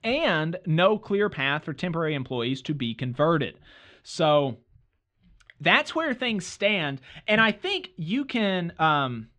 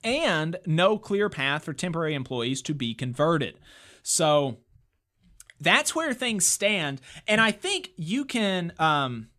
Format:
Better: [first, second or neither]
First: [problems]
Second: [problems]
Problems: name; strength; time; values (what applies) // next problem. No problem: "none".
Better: second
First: muffled; slightly; fading above 3.5 kHz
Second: none